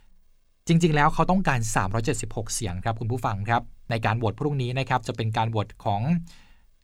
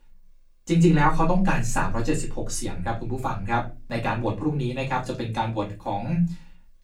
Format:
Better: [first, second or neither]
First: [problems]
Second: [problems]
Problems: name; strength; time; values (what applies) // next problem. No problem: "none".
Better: first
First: none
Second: off-mic speech; far // room echo; very slight; dies away in 0.3 s